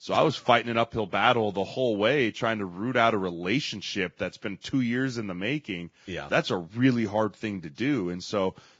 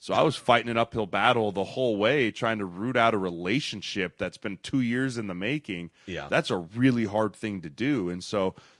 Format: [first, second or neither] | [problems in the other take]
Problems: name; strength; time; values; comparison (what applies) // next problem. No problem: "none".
second | garbled, watery; badly; slightly in the second